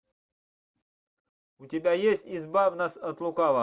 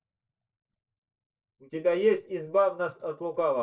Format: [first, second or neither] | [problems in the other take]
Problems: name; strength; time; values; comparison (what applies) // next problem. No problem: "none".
first | noise reduction (neural mask model DeepFilterNet 3)